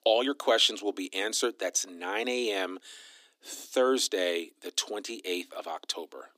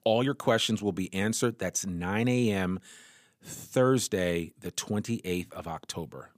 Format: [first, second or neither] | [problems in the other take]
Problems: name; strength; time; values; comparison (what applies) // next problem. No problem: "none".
second | thin; somewhat; fading below 250 Hz